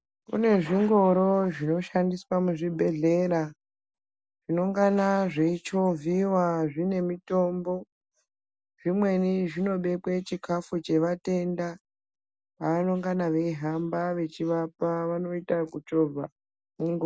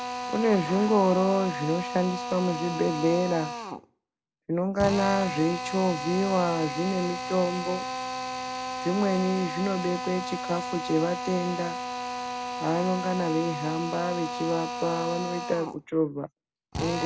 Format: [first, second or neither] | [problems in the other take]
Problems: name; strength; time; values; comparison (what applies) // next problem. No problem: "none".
first | background sound (Drill); 6 dB below the speech